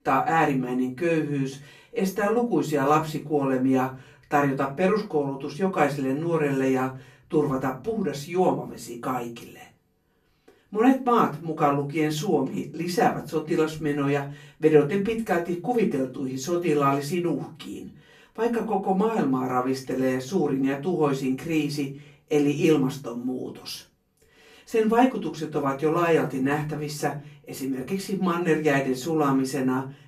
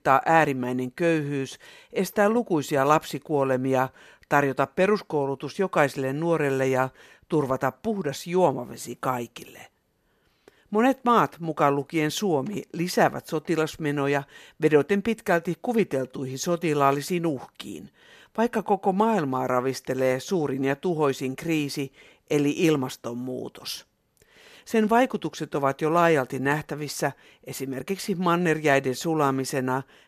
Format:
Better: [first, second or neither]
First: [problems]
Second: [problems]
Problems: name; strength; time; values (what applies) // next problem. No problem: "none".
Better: second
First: off-mic speech; far // room echo; very slight; dies away in 0.3 s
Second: none